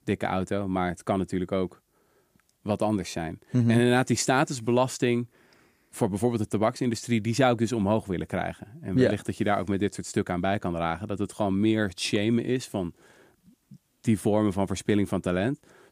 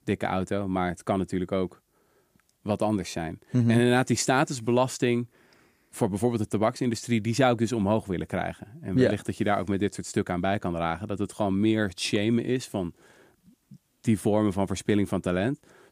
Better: neither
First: none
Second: none

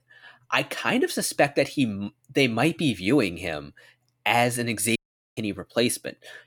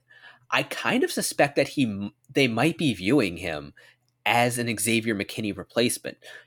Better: second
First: audio cutting out; at 5 s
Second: none

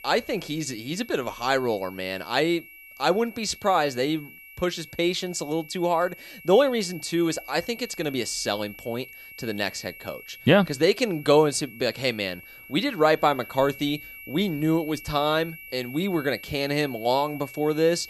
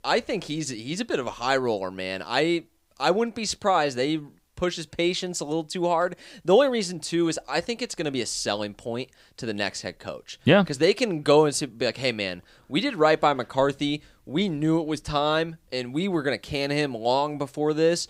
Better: second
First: high-pitched whine; noticeable; throughout; 2.5 kHz, 15 dB below the speech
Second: none

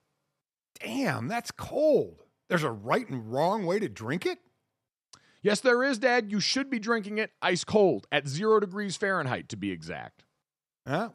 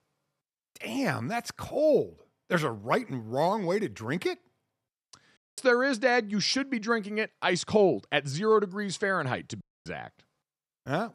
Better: first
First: none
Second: audio cutting out; at 5.5 s and at 9.5 s

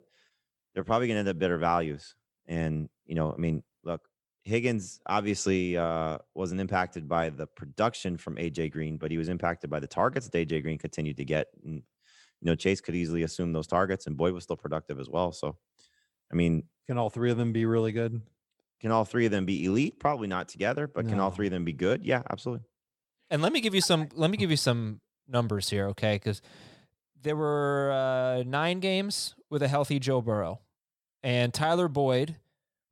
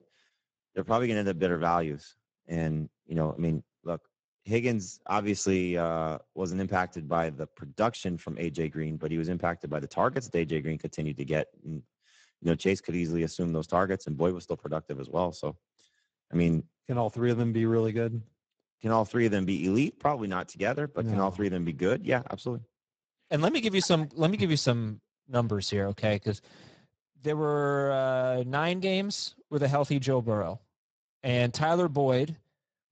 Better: first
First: none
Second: garbled, watery; badly; nothing above 7.5 kHz

